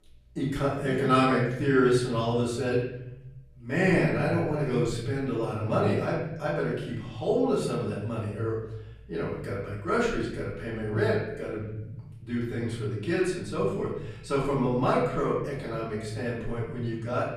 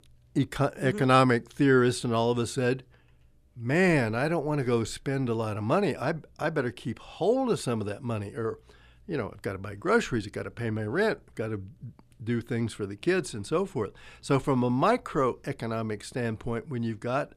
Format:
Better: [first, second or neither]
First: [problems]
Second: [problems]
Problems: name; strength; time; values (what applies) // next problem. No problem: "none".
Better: second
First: off-mic speech; far // room echo; noticeable; dies away in 1 s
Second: none